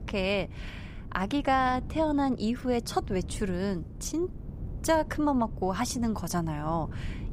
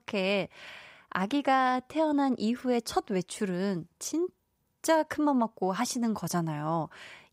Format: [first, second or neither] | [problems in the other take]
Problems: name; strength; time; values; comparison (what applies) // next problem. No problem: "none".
second | wind noise on the microphone; occasional gusts; 20 dB below the speech